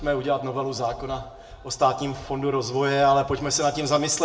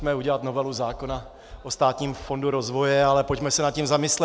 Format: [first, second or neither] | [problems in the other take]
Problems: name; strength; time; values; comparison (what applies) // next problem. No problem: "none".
second | room echo; dies away in 0.6 s